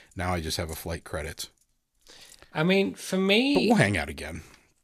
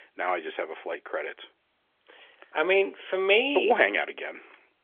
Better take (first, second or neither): first